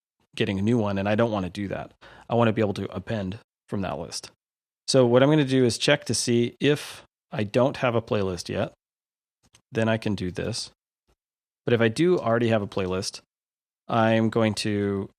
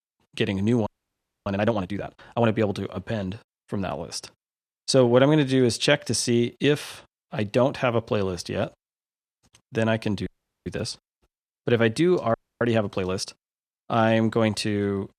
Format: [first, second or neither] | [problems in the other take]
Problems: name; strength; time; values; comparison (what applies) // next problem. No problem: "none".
first | audio freezing; at 1 s for 0.5 s, at 10 s and at 12 s